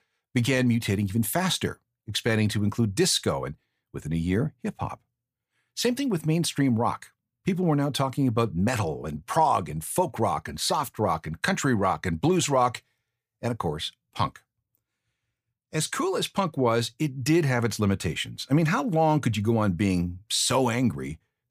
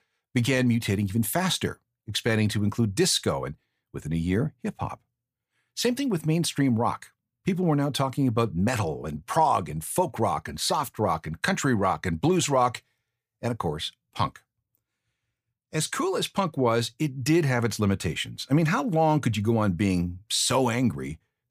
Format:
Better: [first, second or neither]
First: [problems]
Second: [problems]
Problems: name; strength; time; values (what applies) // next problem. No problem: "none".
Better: neither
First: none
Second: none